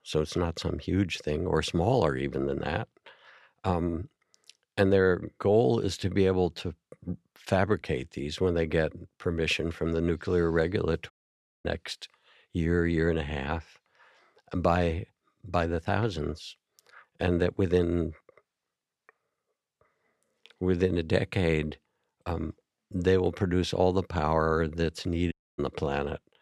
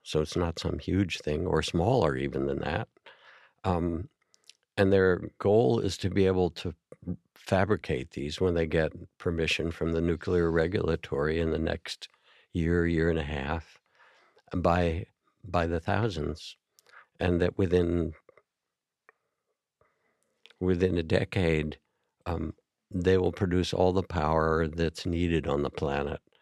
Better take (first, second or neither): second